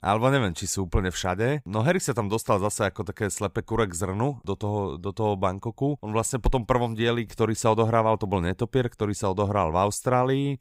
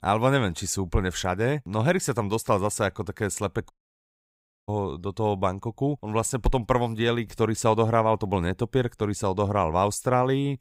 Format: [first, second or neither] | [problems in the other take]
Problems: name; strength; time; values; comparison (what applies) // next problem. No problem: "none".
first | audio cutting out; at 3.5 s for 1 s